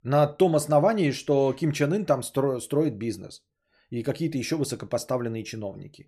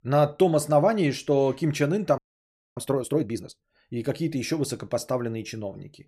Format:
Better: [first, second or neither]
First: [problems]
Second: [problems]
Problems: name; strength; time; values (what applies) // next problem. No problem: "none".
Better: first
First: none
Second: audio freezing; at 2 s for 0.5 s